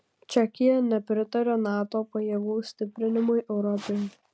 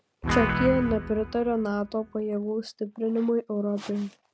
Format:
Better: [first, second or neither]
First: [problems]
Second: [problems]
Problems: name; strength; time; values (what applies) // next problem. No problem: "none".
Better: first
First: none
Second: background sound (Guitar); 4 dB below the speech